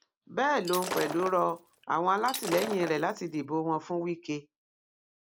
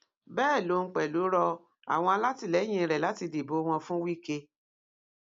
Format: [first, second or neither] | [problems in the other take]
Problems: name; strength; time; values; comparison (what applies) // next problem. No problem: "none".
second | background sound (Shatter); 8 dB below the speech